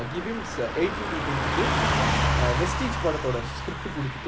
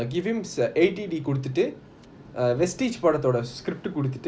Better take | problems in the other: second | background sound (Car passing by / Truck); 4 dB above the speech

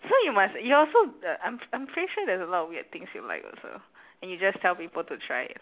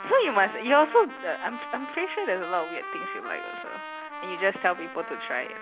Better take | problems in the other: first | background sound (Trumpet); 11 dB below the speech

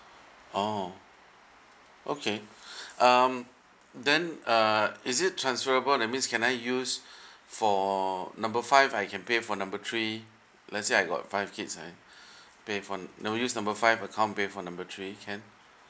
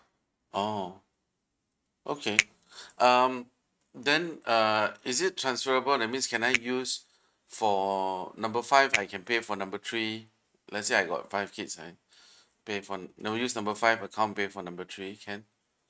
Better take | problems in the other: first | noise reduction (neural mask model RNNoise)

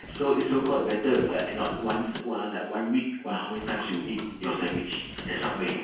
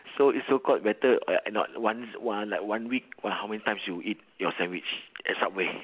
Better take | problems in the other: second | background sound (Hammer / Wood); 11 dB below the speech // room echo; dies away in 0.6 s

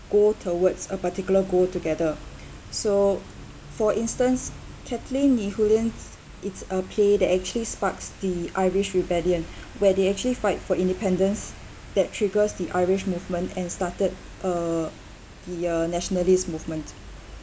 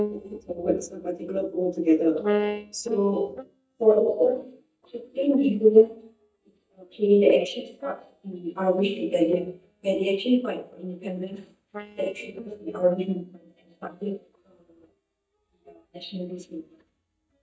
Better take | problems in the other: first | noise reduction (neural mask model DeepFilterNet 3)

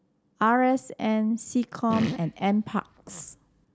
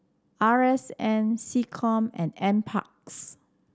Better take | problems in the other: second | background sound (Fart); 10 dB below the speech

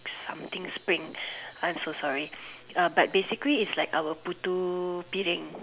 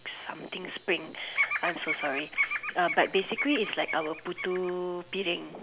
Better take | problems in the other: first | background sound (Bird vocalization, bird call, bird song); 3 dB below the speech

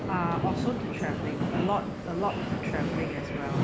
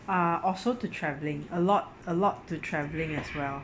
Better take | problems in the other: second | background sound (Subway, metro, underground); 2 dB above the speech

